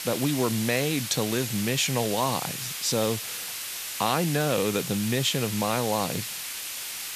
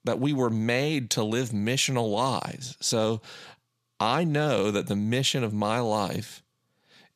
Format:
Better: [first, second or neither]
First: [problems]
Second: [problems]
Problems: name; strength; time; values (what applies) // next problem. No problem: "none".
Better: second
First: hiss; loud; throughout; 5 dB below the speech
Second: none